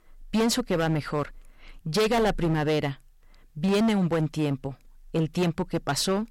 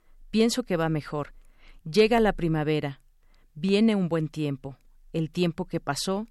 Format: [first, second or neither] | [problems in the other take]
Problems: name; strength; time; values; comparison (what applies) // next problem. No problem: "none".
second | distortion; heavy; 14% of the sound clipped